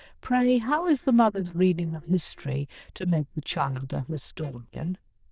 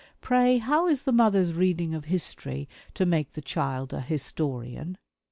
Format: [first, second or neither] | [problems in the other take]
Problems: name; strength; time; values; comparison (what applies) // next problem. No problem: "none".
second | noise reduction (neural diffusion model UNIVERSE++)